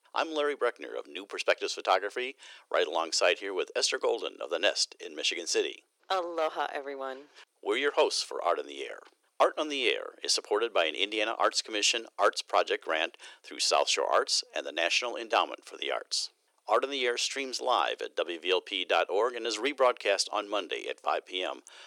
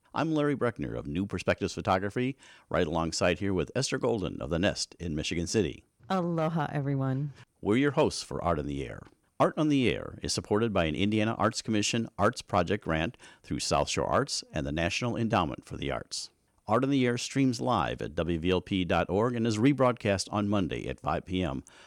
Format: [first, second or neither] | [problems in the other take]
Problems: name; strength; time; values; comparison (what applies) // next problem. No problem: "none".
second | thin; very; fading below 400 Hz